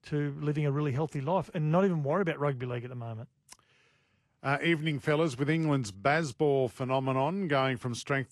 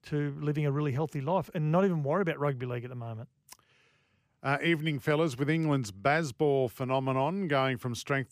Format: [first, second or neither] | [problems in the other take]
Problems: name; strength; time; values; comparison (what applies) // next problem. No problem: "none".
second | garbled, watery; slightly; nothing above 11.5 kHz